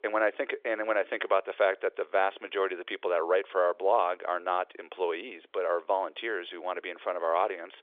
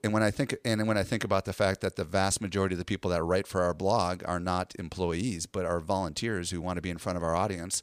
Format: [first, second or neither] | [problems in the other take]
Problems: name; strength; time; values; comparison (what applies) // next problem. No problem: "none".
second | phone-call audio; nothing above 3.5 kHz